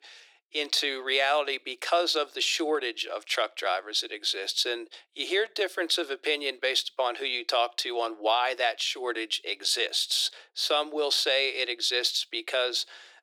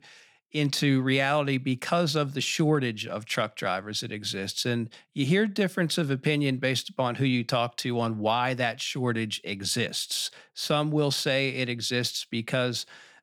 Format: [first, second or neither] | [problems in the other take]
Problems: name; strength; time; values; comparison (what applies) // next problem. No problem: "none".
second | thin; very; fading below 350 Hz